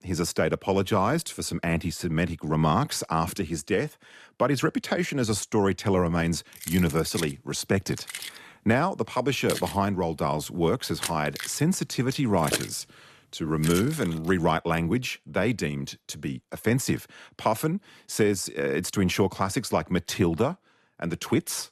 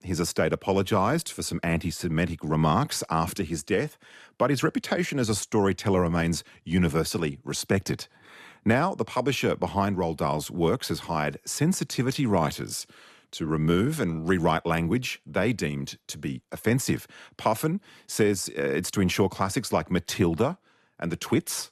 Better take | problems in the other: second | jangling keys; noticeable; from 6.5 to 14 s; peak 3 dB below the speech

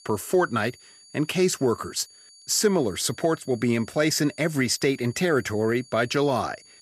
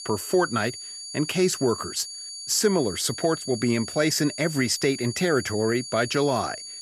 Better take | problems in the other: first | high-pitched whine; loud; throughout; 4.5 kHz, 10 dB below the speech; faint in the first

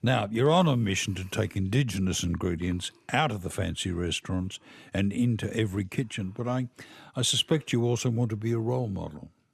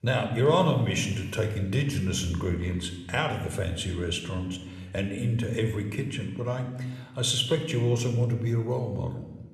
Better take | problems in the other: first | room echo; slight; dies away in 1 s

